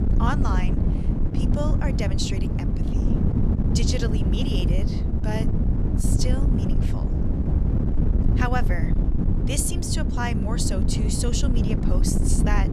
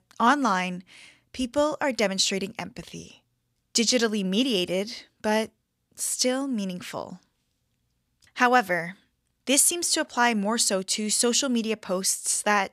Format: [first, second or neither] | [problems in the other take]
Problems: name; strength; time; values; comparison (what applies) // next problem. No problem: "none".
second | wind noise on the microphone; heavy; 3 dB below the speech